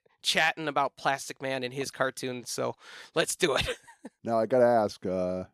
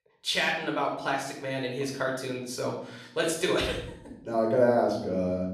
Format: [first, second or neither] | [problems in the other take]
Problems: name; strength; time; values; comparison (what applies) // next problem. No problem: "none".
first | off-mic speech; somewhat distant // room echo; noticeable; dies away in 0.8 s